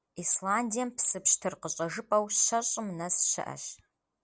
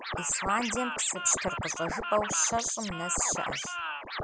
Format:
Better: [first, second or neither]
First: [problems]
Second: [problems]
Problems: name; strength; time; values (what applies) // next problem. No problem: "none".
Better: first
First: none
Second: background sound (Scratching (performance technique)); 4 dB below the speech